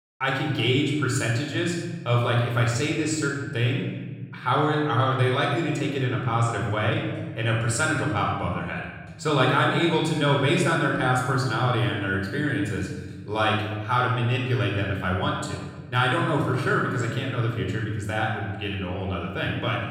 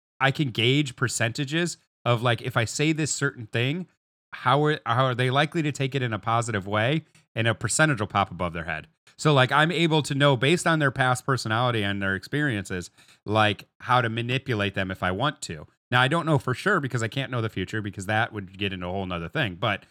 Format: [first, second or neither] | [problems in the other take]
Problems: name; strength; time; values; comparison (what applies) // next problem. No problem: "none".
second | off-mic speech; somewhat distant // room echo; noticeable; dies away in 1.3 s